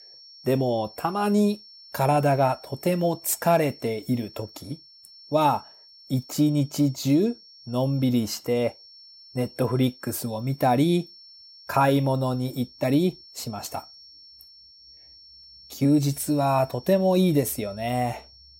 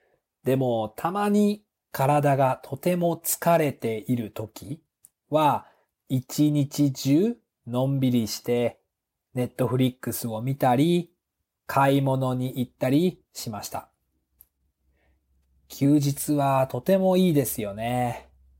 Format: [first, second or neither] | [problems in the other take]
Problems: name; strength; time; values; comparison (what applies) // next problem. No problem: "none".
second | high-pitched whine; faint; throughout; 5.5 kHz, 20 dB below the speech